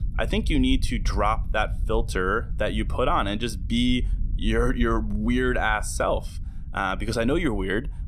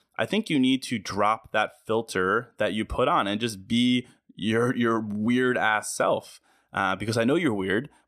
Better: second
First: low rumble; faint; throughout; 25 dB below the speech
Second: none

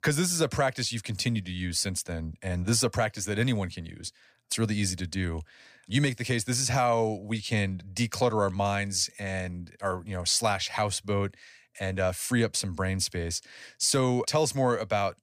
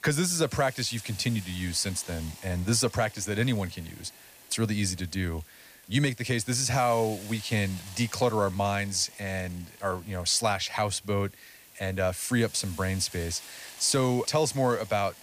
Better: first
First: none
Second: hiss; noticeable; throughout; 20 dB below the speech

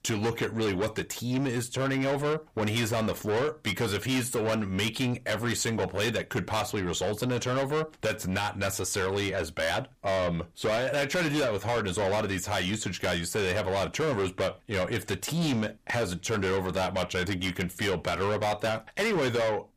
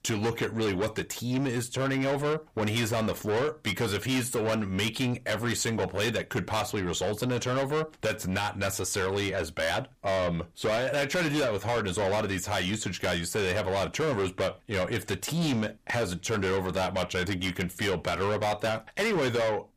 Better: neither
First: distortion; heavy; 6 dB below the speech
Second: distortion; heavy; 6 dB below the speech

